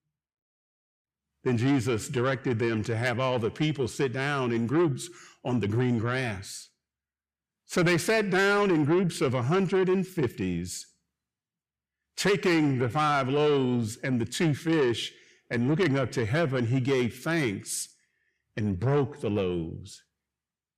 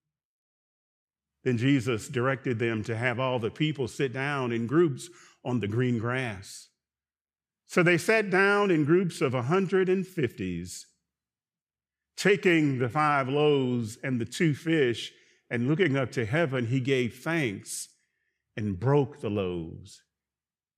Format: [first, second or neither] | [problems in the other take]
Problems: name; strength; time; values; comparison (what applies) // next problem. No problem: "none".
second | distortion; slight; 10 dB below the speech